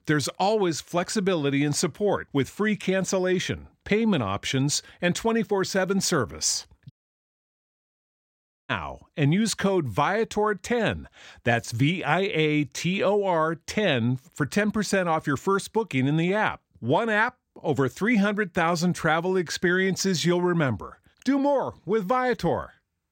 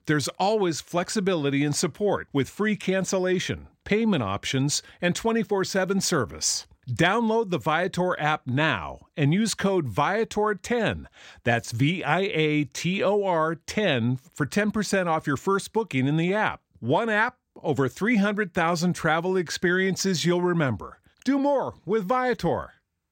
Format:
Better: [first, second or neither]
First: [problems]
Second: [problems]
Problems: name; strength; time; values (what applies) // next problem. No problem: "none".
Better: second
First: audio cutting out; at 7 s for 2 s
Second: none